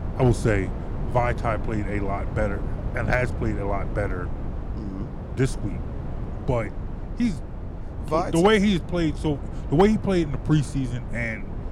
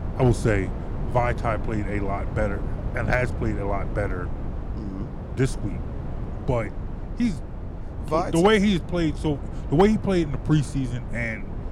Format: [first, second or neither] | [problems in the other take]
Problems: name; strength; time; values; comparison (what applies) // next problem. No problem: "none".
neither | wind noise on the microphone; occasional gusts; 15 dB below the speech; the same in both